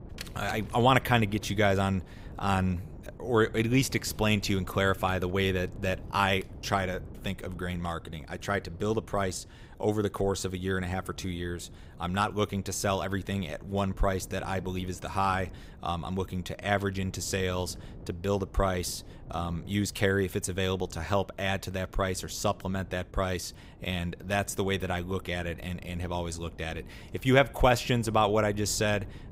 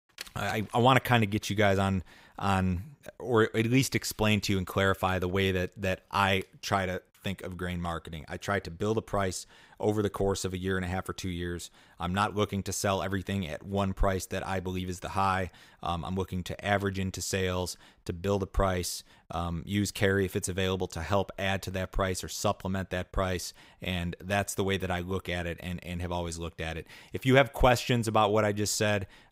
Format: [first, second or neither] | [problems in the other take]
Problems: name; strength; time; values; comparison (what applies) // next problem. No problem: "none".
second | wind noise on the microphone; occasional gusts; 25 dB below the speech